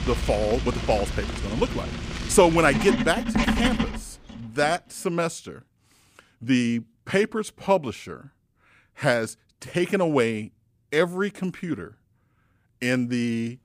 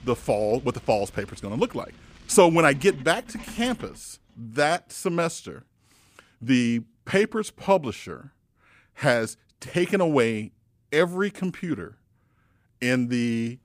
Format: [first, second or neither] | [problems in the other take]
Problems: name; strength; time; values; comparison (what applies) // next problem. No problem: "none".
second | household noises; loud; until 4.5 s; 3 dB below the speech; faint in the second